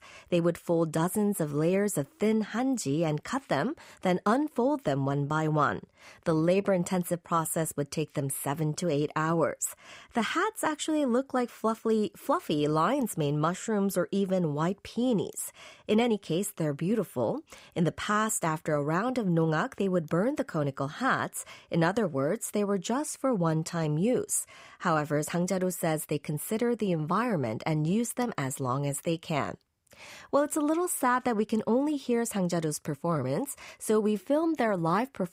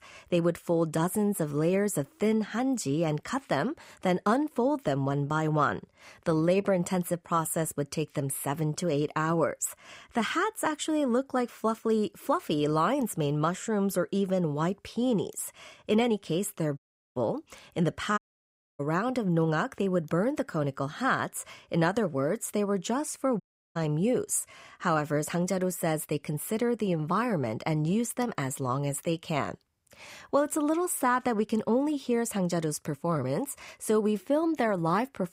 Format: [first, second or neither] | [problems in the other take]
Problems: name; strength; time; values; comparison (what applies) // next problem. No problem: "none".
first | audio cutting out; at 17 s, at 18 s for 0.5 s and at 23 s